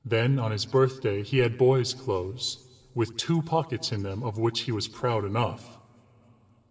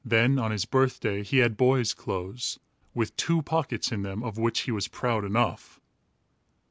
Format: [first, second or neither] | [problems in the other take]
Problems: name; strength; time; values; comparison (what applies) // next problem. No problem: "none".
second | room echo; dies away in 2.4 s